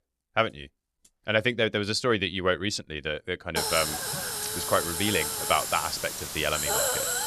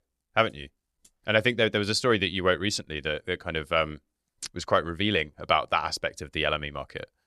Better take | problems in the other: second | hiss; loud; from 3.5 s on; 1 dB below the speech

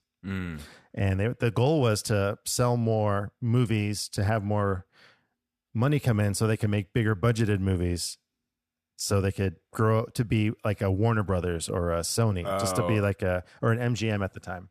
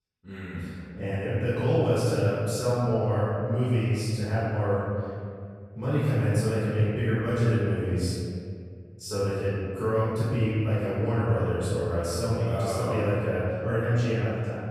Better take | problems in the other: first | off-mic speech; far // room echo; strong; dies away in 2.2 s

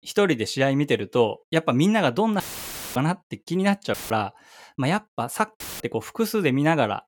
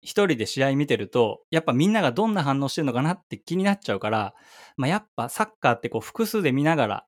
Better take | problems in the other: second | audio cutting out; filled with static; at 2.5 s for 0.5 s, at 4 s and at 5.5 s

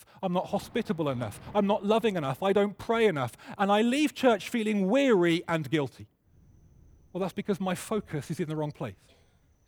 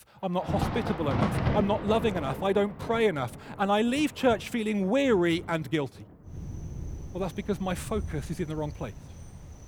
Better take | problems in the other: first | rain or running water; loud; throughout; 7 dB below the speech; faint in the first

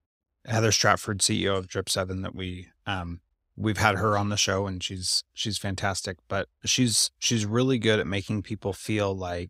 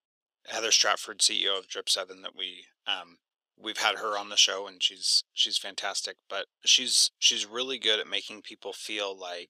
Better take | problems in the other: first | thin; very; fading below 400 Hz

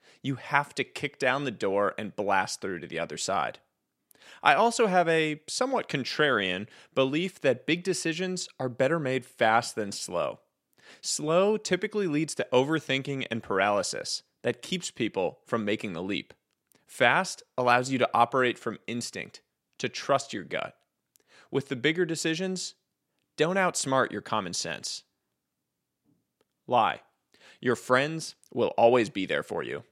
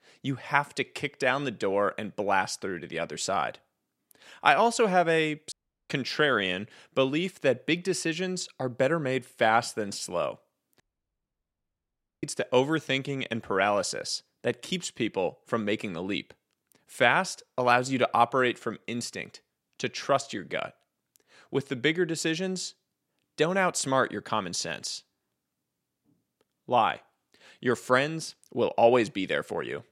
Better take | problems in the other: first | audio cutting out; at 5.5 s and at 11 s for 1.5 s

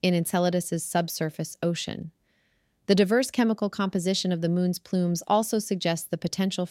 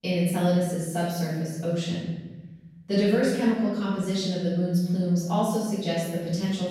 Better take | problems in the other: first | off-mic speech; far // room echo; strong; dies away in 1.5 s

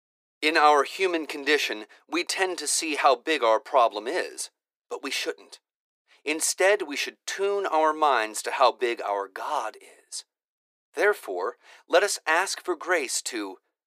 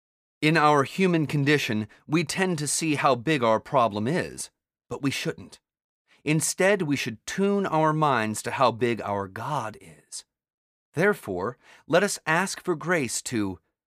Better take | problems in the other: second | thin; very; fading below 350 Hz

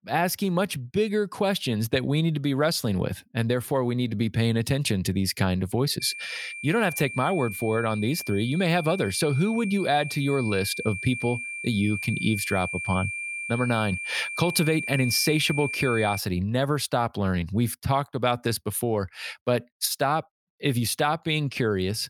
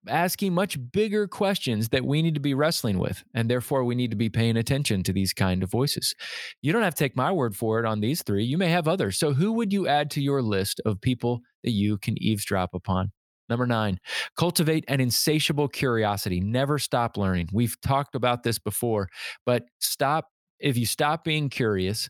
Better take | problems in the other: second | high-pitched whine; loud; from 6 to 16 s; 2.5 kHz, 7 dB below the speech

